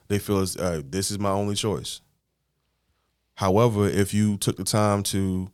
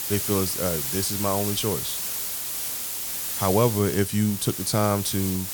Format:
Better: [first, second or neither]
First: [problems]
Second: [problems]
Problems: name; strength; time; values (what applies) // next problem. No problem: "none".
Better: first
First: none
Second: hiss; loud; throughout; 2 dB below the speech